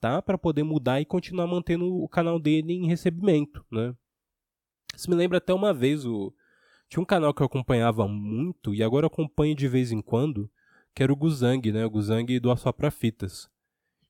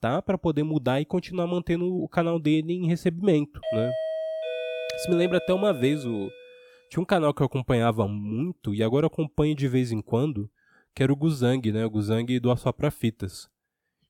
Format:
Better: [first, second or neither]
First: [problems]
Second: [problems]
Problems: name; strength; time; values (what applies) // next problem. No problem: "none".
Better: first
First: none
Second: doorbell; noticeable; from 3.5 to 6.5 s; peak 3 dB below the speech